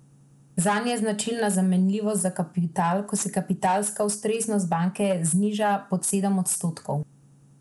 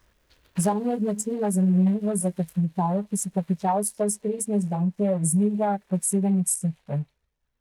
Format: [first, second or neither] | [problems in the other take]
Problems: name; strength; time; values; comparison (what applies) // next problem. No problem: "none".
first | noise reduction (neural mask model DeepFilterNet 3)